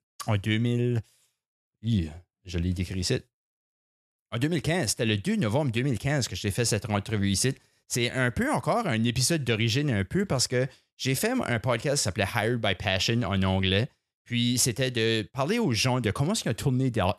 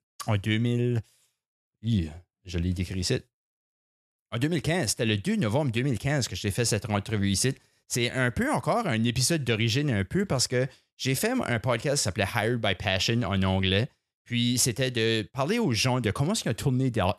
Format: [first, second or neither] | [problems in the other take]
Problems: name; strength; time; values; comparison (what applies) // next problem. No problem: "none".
neither | none